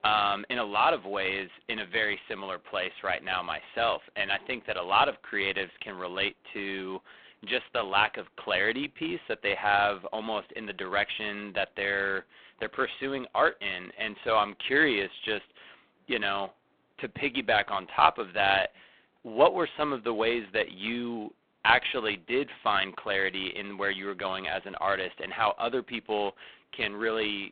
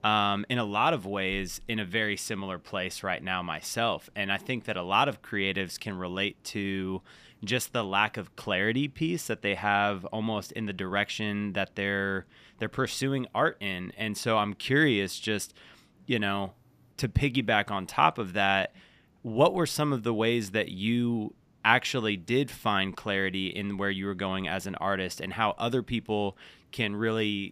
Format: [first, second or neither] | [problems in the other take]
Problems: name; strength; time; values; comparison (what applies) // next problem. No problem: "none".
second | phone-call audio; poor line; nothing above 3.5 kHz